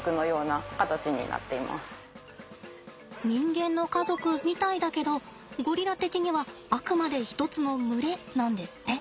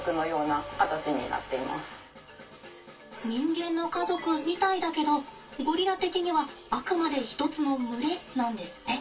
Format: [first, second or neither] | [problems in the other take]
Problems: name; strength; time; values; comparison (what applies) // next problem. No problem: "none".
first | room echo; dies away in 0.2 s